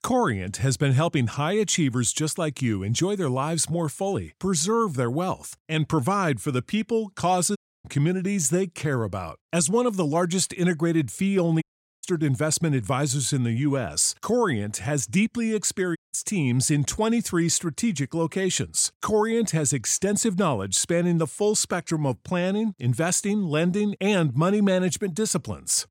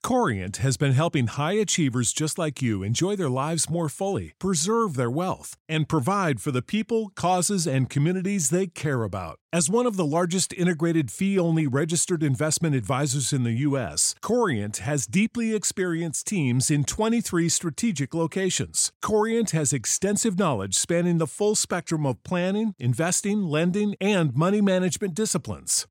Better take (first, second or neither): second